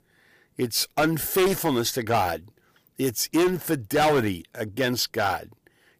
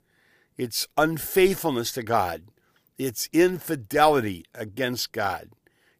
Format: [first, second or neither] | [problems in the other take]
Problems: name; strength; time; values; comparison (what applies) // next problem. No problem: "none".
second | distortion; heavy; 7% of the sound clipped